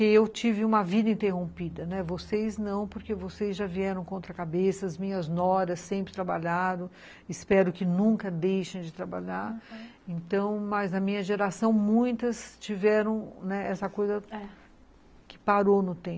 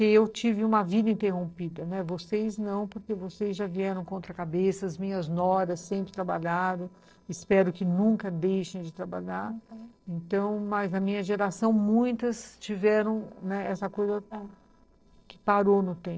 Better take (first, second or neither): first